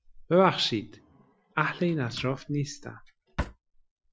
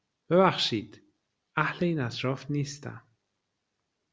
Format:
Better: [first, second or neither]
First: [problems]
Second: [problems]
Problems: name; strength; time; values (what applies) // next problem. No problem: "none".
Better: second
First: noise reduction (classical method Wiener filter)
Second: none